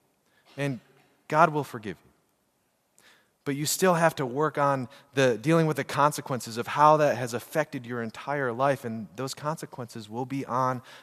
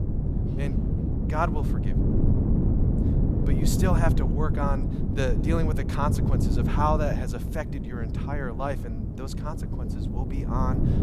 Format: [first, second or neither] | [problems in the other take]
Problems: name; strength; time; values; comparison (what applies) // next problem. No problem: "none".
first | wind noise on the microphone; heavy; 5 dB below the speech